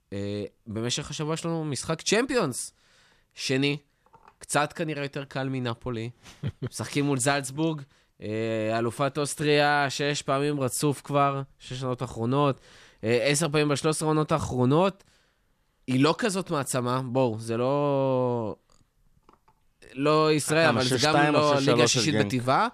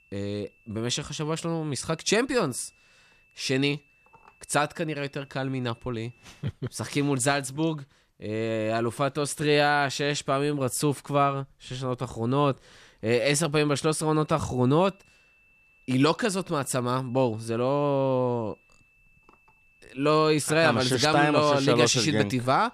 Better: first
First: none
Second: high-pitched whine; faint; until 6.5 s and from 14 s on; 2.5 kHz, 35 dB below the speech

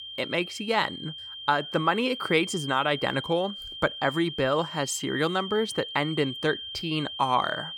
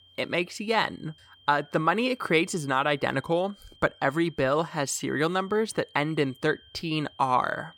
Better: second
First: high-pitched whine; loud; throughout; 3 kHz, 9 dB below the speech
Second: high-pitched whine; faint; throughout; 3 kHz, 25 dB below the speech

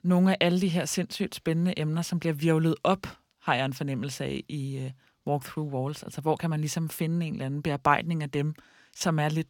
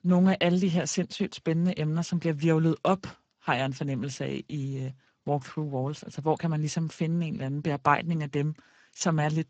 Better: first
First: none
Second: garbled, watery; badly; nothing above 7.5 kHz

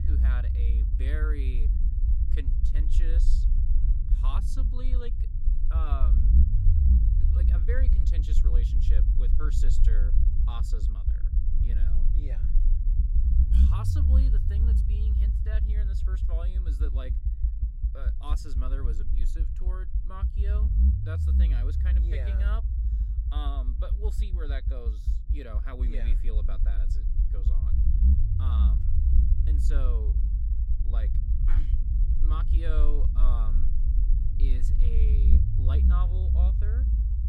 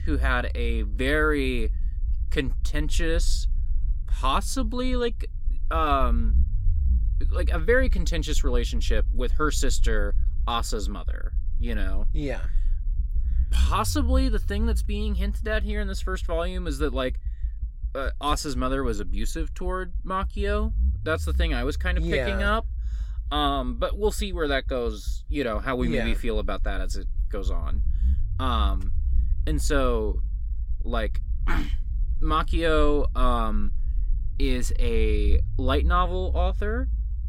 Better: second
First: low rumble; loud; throughout; 1 dB below the speech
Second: low rumble; faint; throughout; 25 dB below the speech

